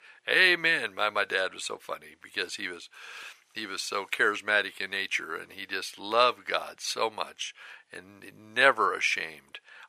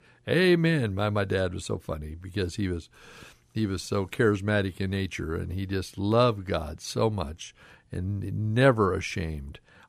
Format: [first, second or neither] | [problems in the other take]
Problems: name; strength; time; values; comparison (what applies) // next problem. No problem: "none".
second | thin; very; fading below 700 Hz